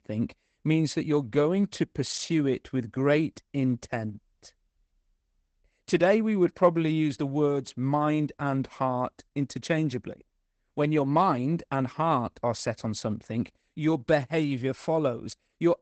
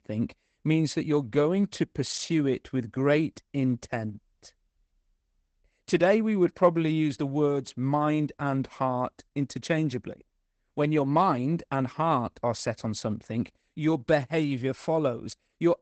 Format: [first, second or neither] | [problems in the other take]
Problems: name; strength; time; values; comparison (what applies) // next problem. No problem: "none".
neither | garbled, watery; badly; nothing above 8 kHz; the same in both